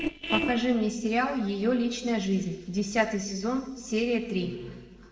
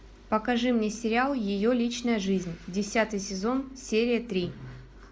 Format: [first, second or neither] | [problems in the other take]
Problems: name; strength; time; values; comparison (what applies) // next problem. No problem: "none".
second | noise reduction (neural separator model SepFormer DNS4)